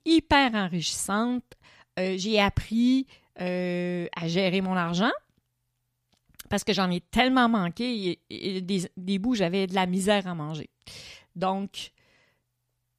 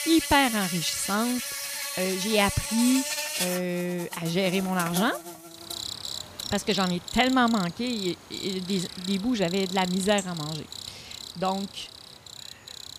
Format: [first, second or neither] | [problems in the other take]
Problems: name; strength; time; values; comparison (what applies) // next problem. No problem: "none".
first | animal sounds; loud; throughout; 6 dB below the speech